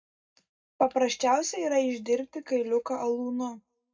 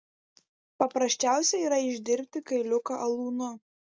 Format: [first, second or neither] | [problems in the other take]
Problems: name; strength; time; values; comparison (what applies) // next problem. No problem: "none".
second | room echo; dies away in 0.3 s